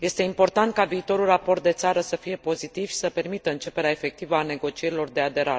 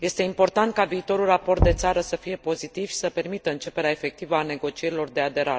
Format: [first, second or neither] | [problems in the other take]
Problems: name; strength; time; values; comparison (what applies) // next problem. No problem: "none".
first | background sound (Knock); 5 dB below the speech